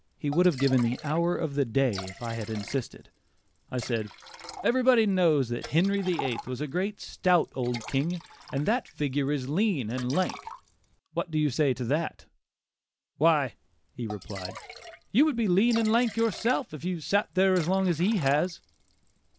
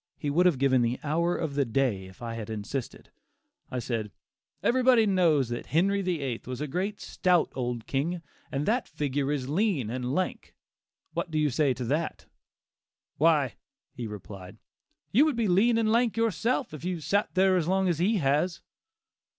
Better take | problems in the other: second | background sound (Liquid); 17 dB below the speech

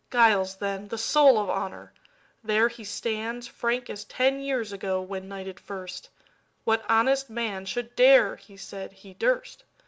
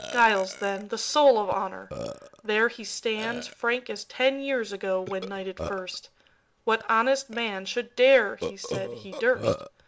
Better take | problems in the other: first | background sound (Burping, eructation); 12 dB below the speech

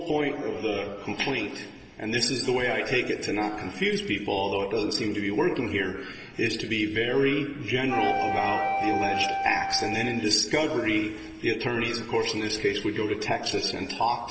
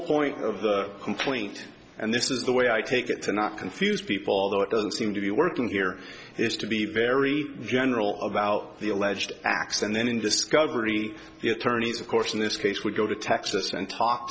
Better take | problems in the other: second | background sound (Wind instrument, woodwind instrument); 2 dB below the speech // room echo; dies away in 1.9 s

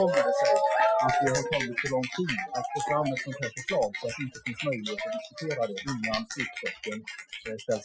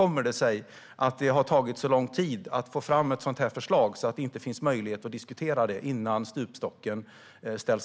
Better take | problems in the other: second | noise reduction (classical method Wiener filter)

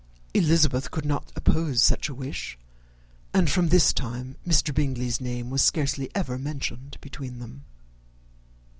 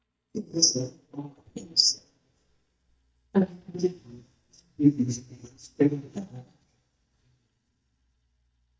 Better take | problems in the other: first | noise reduction (neural mask model DeepFilterNet 3)

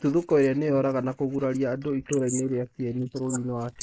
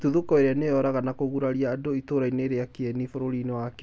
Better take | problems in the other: second | noise reduction (neural mask model Resemble Enhance denoiser)

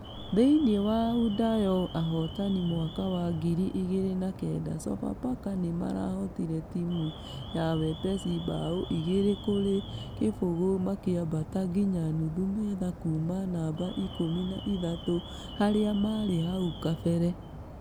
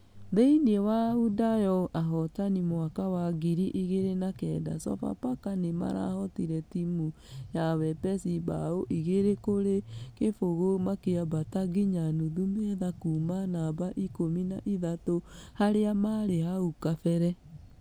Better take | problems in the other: second | background sound (Alarm); 13 dB below the speech

